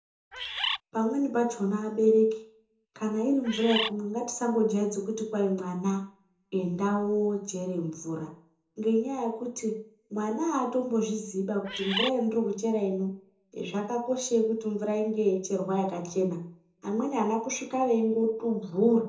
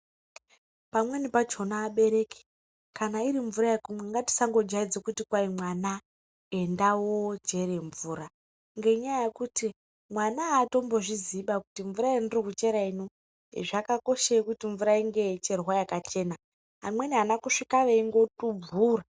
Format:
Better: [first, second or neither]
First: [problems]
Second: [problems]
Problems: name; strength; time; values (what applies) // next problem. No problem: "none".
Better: second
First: background sound (Bird); 3 dB below the speech // room echo; dies away in 0.5 s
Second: none